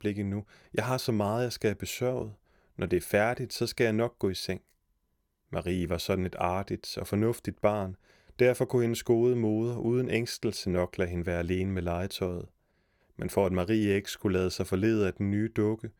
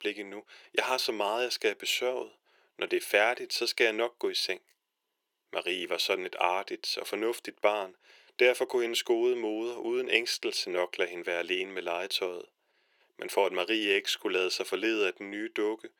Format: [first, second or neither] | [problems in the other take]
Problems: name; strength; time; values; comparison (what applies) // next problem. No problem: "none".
first | thin; very; fading below 350 Hz